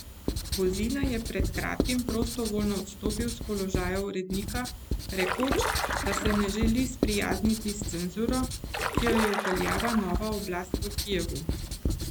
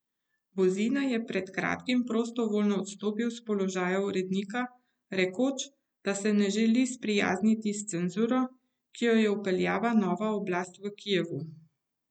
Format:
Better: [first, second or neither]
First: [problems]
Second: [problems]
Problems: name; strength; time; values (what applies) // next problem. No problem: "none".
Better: second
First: background sound (Writing + Stream); 1 dB below the speech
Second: none